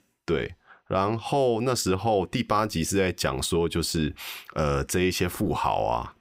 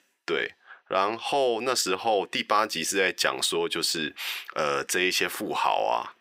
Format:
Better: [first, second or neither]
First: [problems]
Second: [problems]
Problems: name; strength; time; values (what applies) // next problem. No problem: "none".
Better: first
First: none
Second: thin; somewhat; fading below 400 Hz